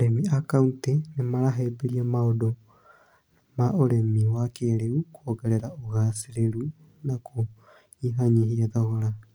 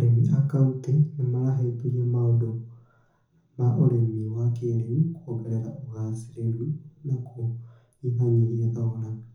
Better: first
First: none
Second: room echo; dies away in 0.6 s

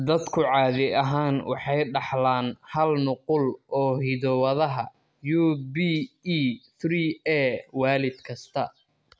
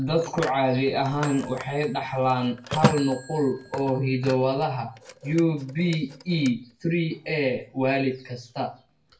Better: first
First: none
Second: background sound (Telephone); 10 dB below the speech // room echo; dies away in 0.2 s

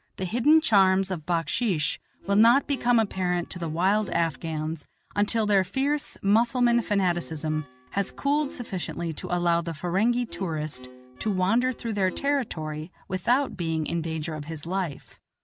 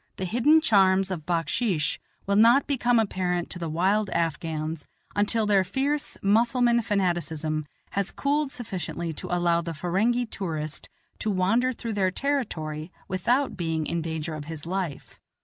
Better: second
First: background sound (Bowed string instrument); 19 dB below the speech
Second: none

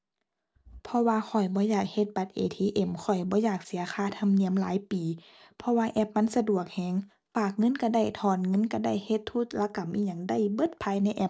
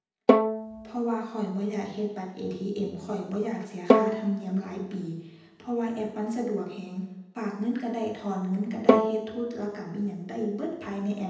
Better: first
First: none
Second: background sound (Bowed string instrument); 4 dB above the speech // room echo; dies away in 0.9 s

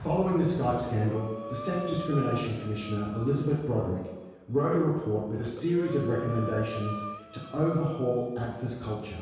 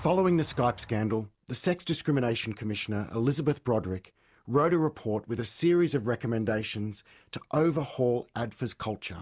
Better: second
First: background sound (Breathing); 13 dB below the speech // room echo; dies away in 1.2 s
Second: none

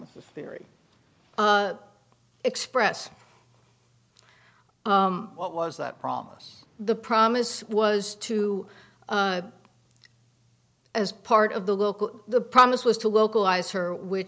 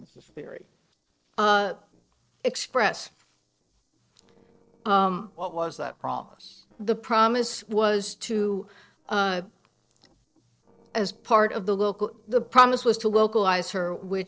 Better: first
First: none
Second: noise reduction (neural separator model SepFormer DNS4)

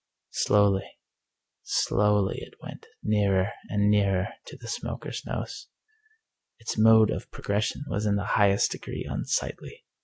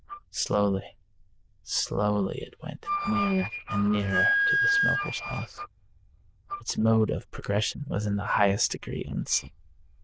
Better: first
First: none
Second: noise reduction (neural diffusion model UNIVERSE++)

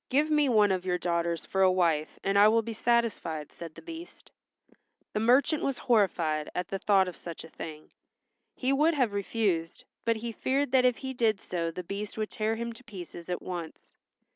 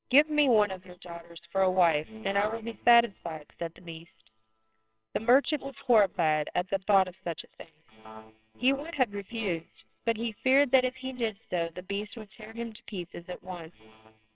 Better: first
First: none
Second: noise reduction (neural separator model SepFormer WHAMR!)

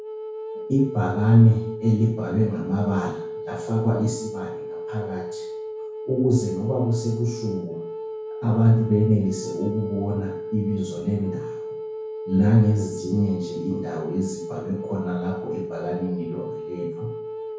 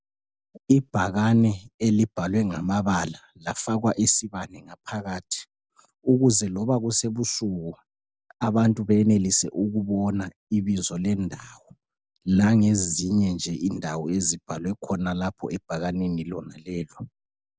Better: second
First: background sound (Wind instrument, woodwind instrument); 9 dB below the speech // room echo; dies away in 0.6 s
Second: none

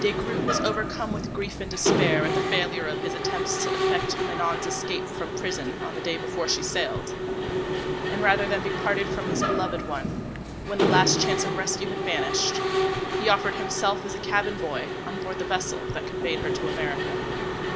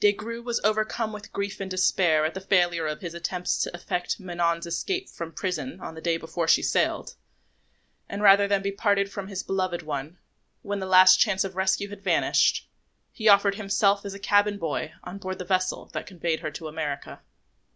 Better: second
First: background sound (Mechanisms); 2 dB above the speech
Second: none

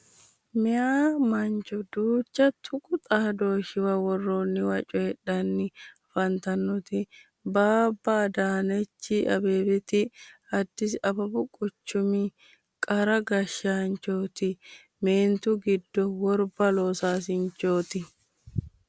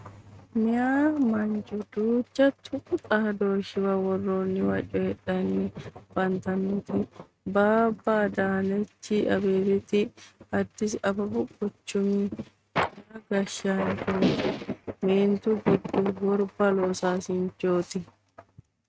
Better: first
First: none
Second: noise reduction (neural mask model RNNoise)

